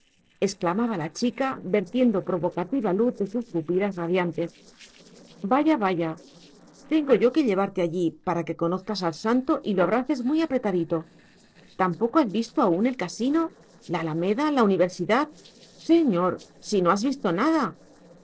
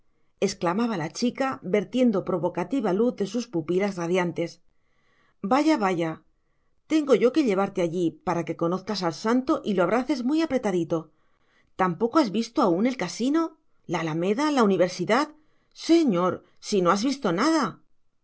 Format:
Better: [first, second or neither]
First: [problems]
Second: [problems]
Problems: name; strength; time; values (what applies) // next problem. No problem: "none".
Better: second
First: noise reduction (neural separator model SepFormer DNS4)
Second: none